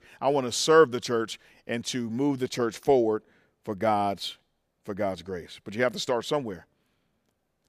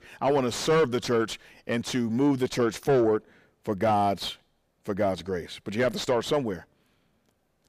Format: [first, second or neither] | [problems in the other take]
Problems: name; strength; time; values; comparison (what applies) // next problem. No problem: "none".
first | distortion; heavy; 7 dB below the speech